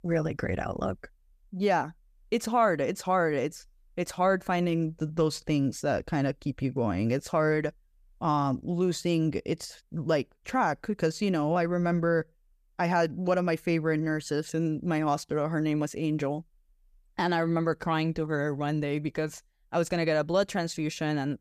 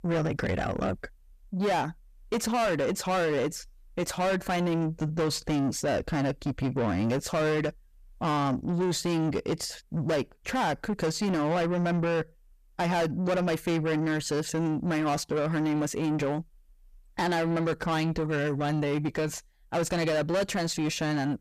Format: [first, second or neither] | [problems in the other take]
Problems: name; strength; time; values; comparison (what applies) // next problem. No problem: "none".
first | distortion; heavy; 8 dB below the speech